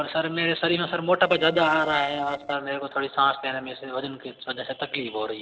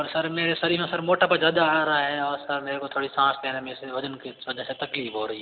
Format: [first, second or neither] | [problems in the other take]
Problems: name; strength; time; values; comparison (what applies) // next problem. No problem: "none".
second | noise reduction (neural separator model SepFormer DNS4)